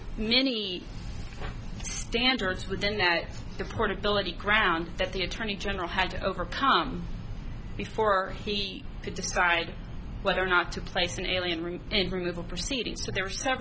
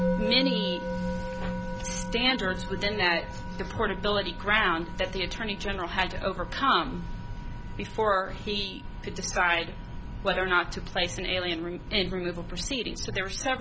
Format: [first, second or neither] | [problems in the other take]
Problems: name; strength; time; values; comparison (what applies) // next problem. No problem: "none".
first | background sound (Musical instrument); 9 dB below the speech